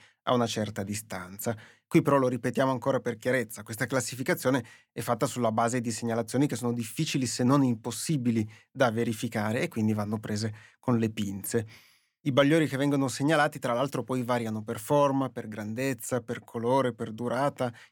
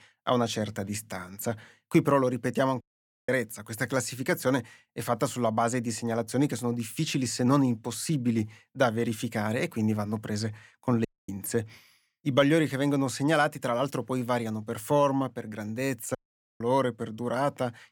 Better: first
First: none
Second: audio cutting out; at 3 s, at 11 s and at 16 s

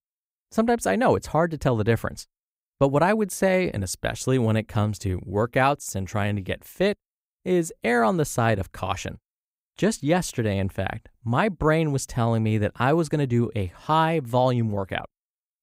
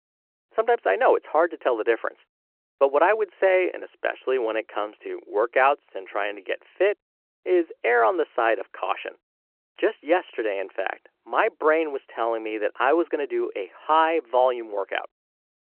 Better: first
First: none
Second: phone-call audio

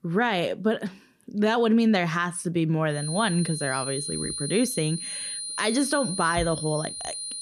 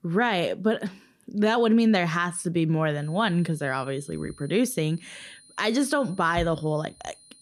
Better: second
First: high-pitched whine; loud; from 3 s on; 9.5 kHz, 6 dB below the speech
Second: high-pitched whine; faint; from 3 s on; 9.5 kHz, 25 dB below the speech

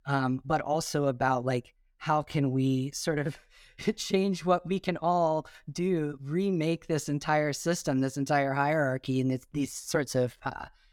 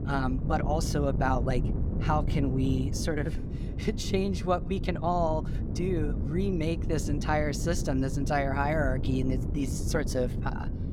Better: first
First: none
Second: wind noise on the microphone; occasional gusts; 10 dB below the speech

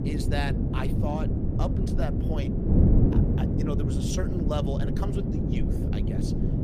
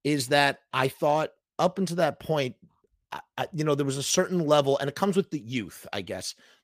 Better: second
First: wind noise on the microphone; heavy; 1 dB above the speech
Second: none

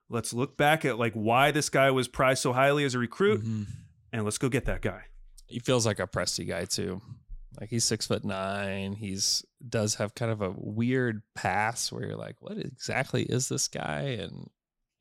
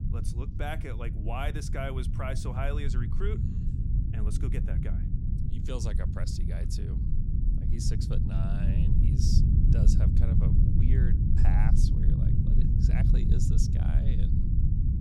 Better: first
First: none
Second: low rumble; loud; throughout; 1 dB below the speech

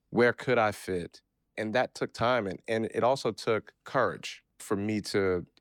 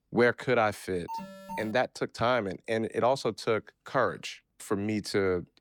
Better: first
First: none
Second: alarm; faint; at 1 s; peak 10 dB below the speech

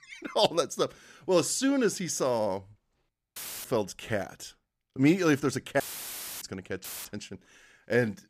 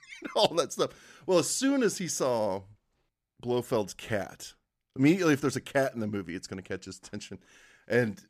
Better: second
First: audio cutting out; filled with static; at 3.5 s, at 6 s for 0.5 s and at 7 s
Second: none

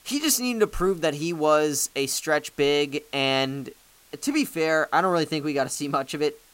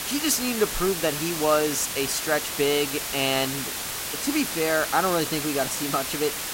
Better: first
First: hiss; faint; throughout; 30 dB below the speech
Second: hiss; loud; throughout; 3 dB below the speech

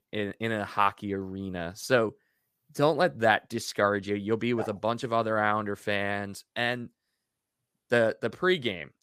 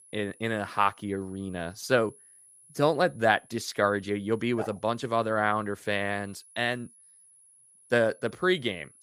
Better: first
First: none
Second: high-pitched whine; faint; throughout; 10.5 kHz, 25 dB below the speech

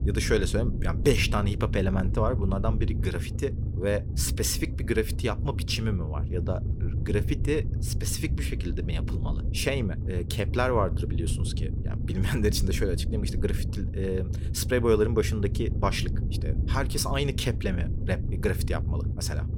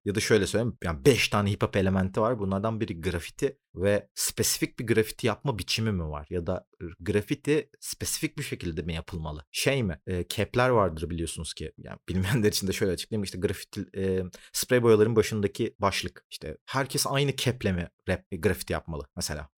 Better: second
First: low rumble; noticeable; throughout; 10 dB below the speech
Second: none

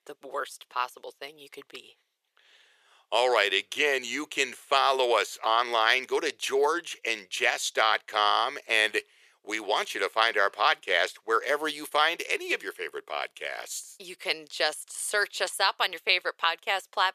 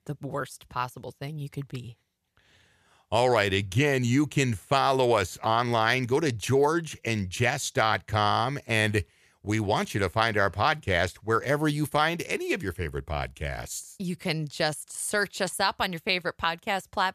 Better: second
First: thin; very; fading below 400 Hz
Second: none

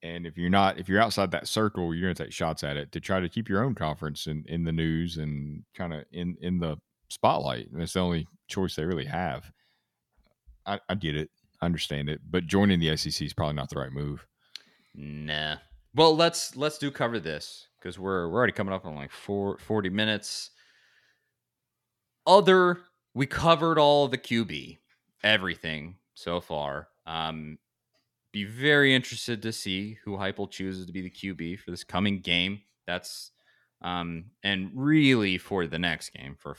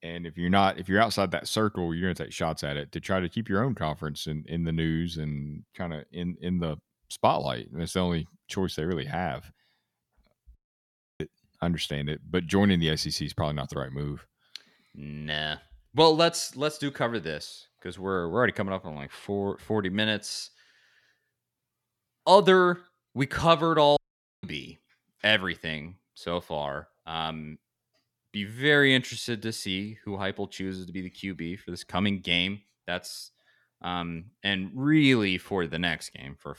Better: first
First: none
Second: audio cutting out; at 11 s for 0.5 s and at 24 s

